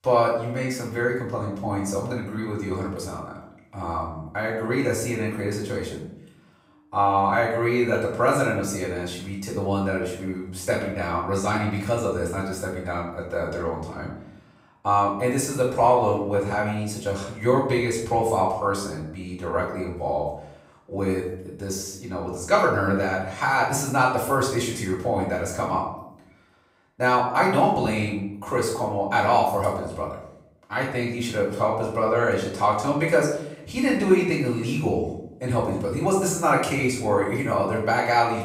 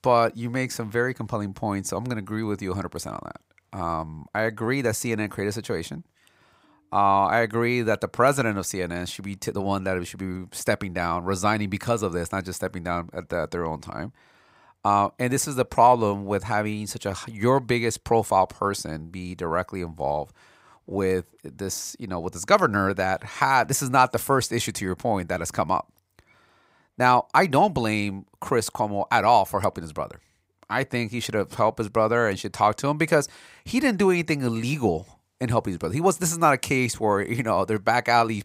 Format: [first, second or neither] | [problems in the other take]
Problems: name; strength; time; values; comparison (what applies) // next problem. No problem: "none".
second | off-mic speech; far // room echo; noticeable; dies away in 0.6 s